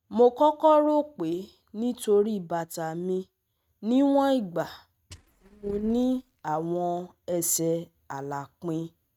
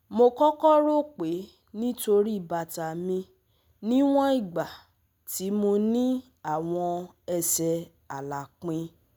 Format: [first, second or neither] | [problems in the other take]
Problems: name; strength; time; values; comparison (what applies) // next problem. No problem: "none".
second | noise reduction (neural mask model RNNoise)